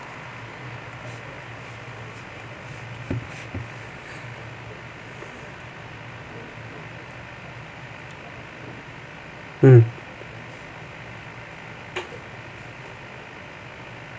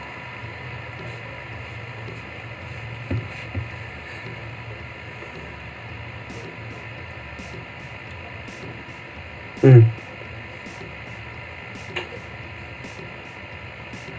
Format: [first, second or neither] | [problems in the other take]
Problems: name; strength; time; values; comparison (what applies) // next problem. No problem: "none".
first | background sound (Drum kit); 19 dB below the speech // room echo; dies away in 0.2 s